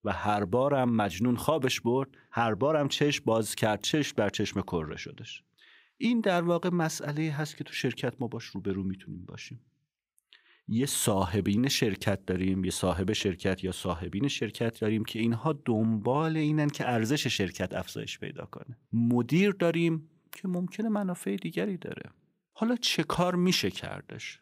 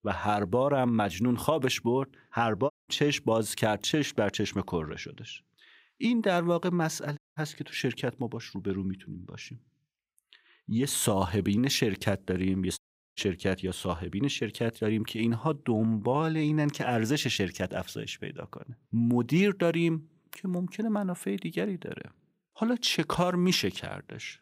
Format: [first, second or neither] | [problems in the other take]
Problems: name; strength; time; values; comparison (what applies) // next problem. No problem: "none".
first | audio cutting out; at 2.5 s, at 7 s and at 13 s